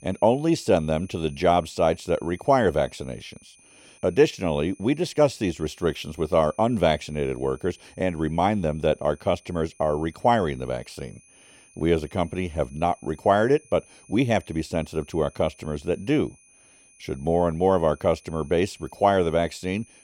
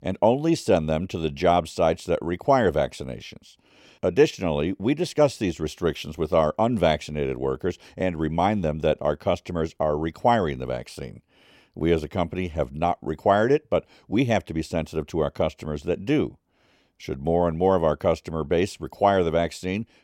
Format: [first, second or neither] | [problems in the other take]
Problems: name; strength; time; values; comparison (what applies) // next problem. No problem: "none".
second | high-pitched whine; faint; throughout; 9.5 kHz, 30 dB below the speech